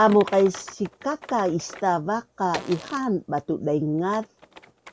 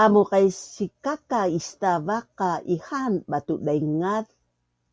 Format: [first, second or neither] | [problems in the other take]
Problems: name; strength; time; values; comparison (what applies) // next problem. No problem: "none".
second | background sound (Typing + Fart); 18 dB below the speech